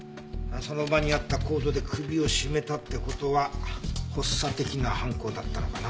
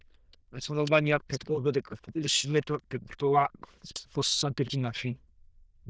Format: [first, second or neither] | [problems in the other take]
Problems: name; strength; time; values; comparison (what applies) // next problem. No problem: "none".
first | noise reduction (neural diffusion model UNIVERSE++)